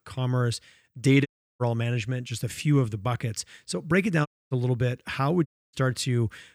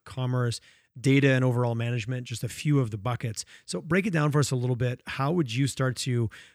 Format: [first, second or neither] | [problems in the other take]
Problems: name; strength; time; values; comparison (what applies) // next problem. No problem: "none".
second | audio cutting out; at 1.5 s, at 4.5 s and at 5.5 s